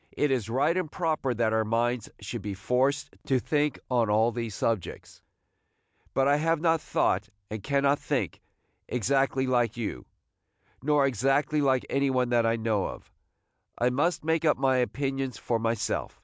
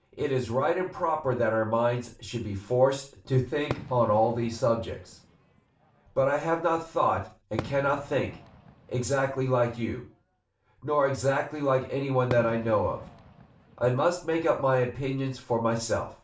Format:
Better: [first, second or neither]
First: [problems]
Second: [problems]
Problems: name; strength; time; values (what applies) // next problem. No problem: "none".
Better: first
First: none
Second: background sound (Fireworks); 16 dB below the speech // room echo; dies away in 0.3 s